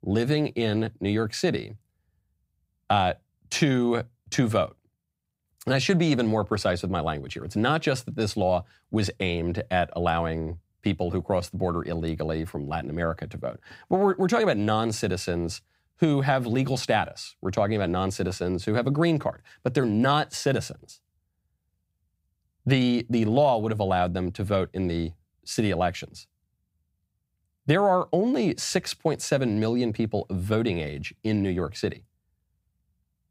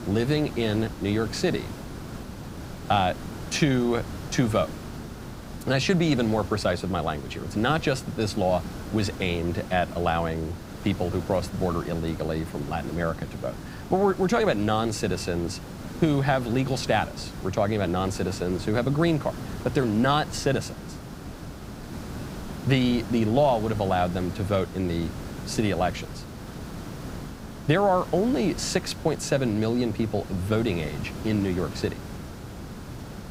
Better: first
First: none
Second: hiss; noticeable; throughout; 10 dB below the speech

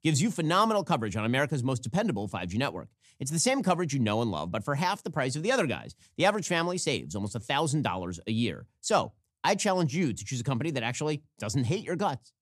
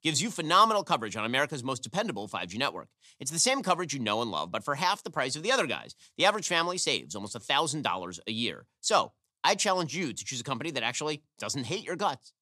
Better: first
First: none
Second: thin; somewhat; fading below 450 Hz

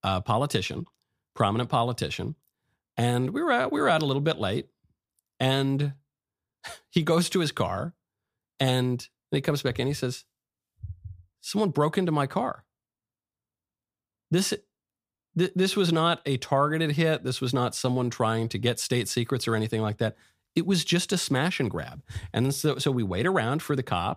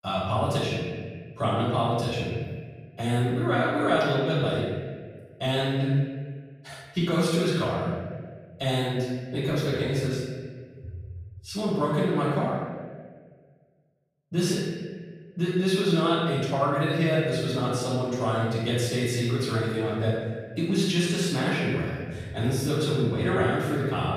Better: first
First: none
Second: off-mic speech; far // room echo; strong; dies away in 1.5 s

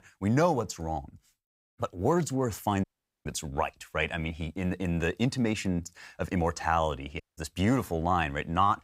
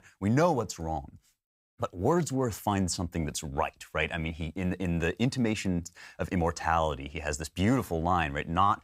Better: second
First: audio cutting out; at 3 s and at 7 s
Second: none

